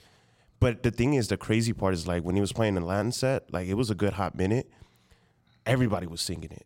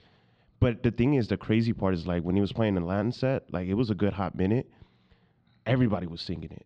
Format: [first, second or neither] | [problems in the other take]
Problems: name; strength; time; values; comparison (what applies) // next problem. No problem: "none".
first | muffled; very slightly; fading above 4 kHz